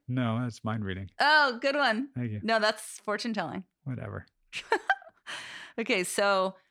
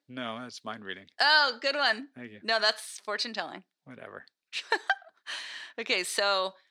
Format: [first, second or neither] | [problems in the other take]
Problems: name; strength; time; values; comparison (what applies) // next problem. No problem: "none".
first | thin; somewhat; fading below 350 Hz